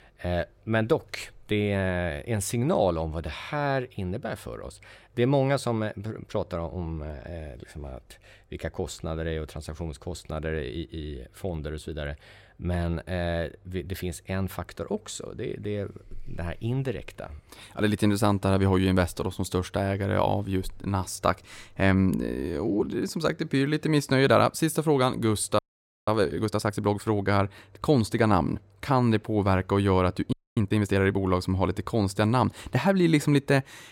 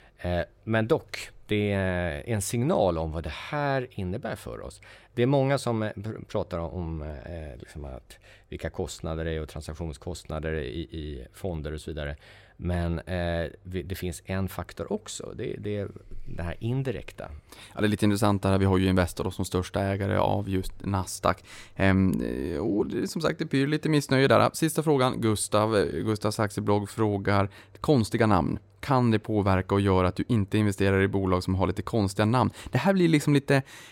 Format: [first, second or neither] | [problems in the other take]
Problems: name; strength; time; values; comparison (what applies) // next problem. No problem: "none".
second | audio freezing; at 26 s and at 30 s